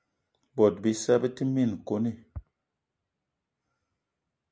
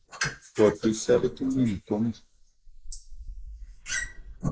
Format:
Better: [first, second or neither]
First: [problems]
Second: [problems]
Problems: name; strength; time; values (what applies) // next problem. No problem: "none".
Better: first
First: none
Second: noise reduction (neural mask model Resemble Enhance denoiser)